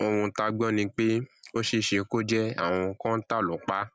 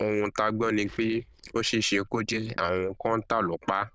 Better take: first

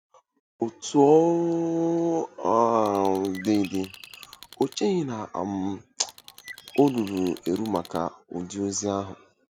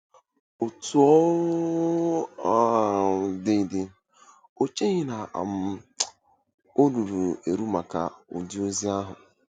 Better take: second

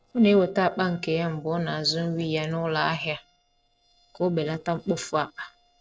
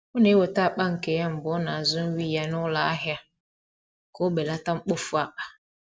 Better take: second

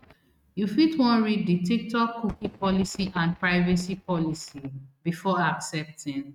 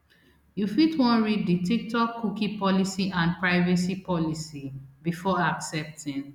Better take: second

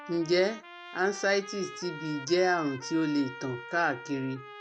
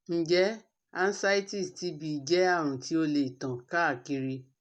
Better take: second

